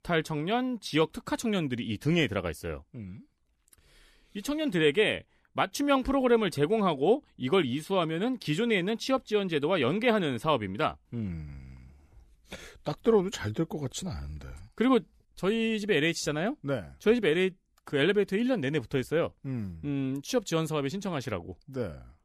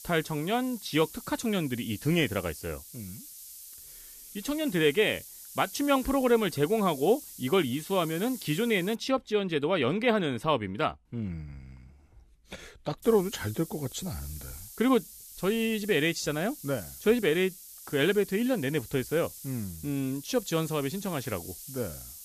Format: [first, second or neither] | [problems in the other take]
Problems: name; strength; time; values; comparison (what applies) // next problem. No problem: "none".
first | hiss; noticeable; until 9 s and from 13 s on; 15 dB below the speech